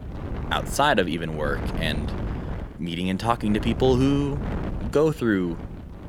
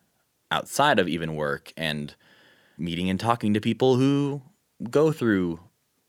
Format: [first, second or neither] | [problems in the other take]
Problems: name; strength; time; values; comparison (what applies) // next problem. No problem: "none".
second | wind noise on the microphone; occasional gusts; 15 dB below the speech